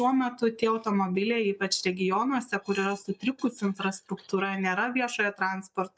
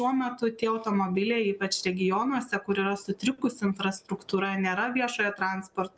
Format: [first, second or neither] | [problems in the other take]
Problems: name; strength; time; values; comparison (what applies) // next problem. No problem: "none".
second | noise reduction (neural mask model DeepFilterNet 3)